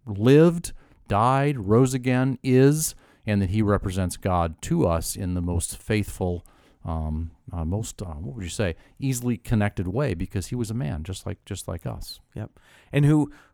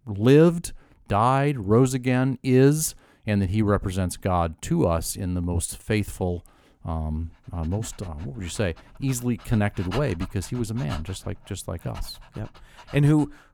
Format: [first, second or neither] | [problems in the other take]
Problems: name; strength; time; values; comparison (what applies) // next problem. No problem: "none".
first | dog barking; faint; from 7.5 s on; peak 15 dB below the speech